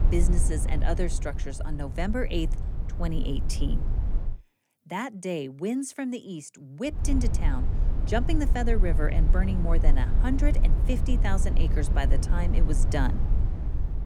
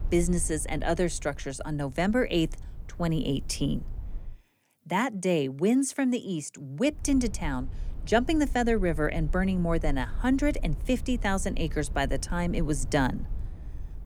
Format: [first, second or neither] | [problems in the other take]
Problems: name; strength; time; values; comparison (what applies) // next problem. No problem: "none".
second | low rumble; loud; until 4.5 s and from 7 s on; 9 dB below the speech; faint in the second